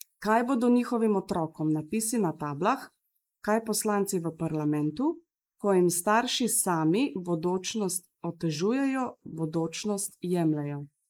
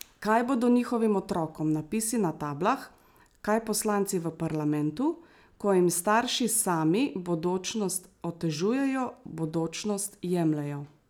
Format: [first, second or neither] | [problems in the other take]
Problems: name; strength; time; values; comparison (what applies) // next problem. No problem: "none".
second | noise reduction (neural mask model Resemble Enhance denoiser)